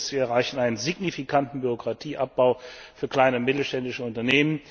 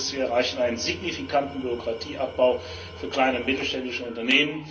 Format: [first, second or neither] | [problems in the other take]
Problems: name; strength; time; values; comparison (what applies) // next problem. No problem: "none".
first | background sound (Tools); 16 dB below the speech // room echo; dies away in 0.3 s